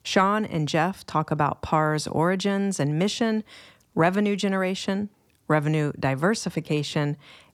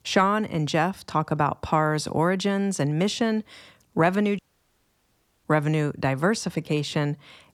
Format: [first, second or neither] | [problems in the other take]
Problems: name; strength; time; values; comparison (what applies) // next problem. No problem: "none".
first | audio cutting out; at 4.5 s for 1 s